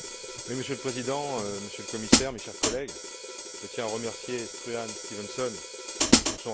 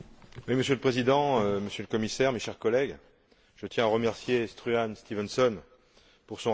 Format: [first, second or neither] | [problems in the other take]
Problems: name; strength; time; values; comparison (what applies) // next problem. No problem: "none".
second | background sound (Hi-hat); 5 dB above the speech